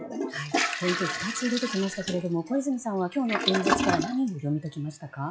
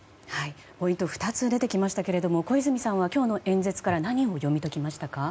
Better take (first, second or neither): second